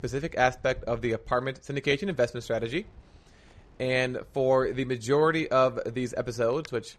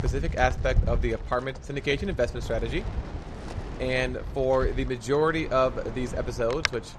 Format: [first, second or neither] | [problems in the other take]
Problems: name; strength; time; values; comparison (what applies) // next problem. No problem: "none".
first | wind in the background; loud; throughout; 6 dB below the speech; faint in the first